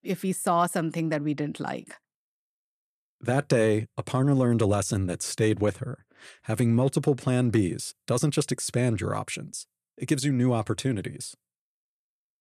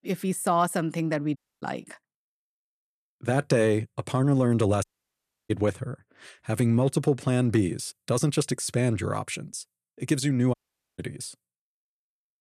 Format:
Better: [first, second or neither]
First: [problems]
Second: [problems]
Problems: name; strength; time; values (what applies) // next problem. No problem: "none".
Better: first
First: none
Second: audio cutting out; at 1.5 s, at 5 s for 0.5 s and at 11 s